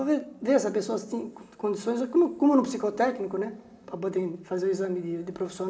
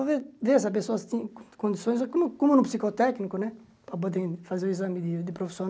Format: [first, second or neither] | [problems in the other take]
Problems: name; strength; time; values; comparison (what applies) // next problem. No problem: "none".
second | room echo; dies away in 2.7 s